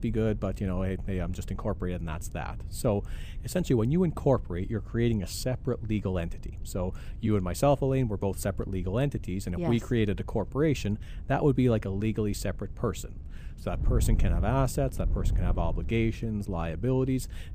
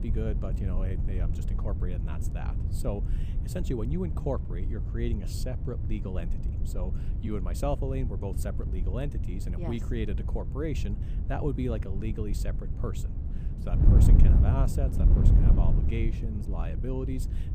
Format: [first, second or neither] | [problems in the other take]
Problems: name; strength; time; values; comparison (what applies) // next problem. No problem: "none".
first | wind noise on the microphone; heavy; 5 dB below the speech; occasional gusts in the first